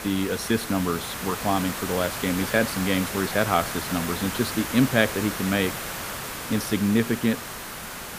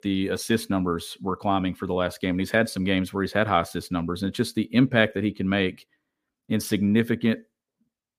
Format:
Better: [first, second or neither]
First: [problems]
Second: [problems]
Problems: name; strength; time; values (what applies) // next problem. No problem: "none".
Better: second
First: hiss; loud; throughout; 6 dB below the speech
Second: none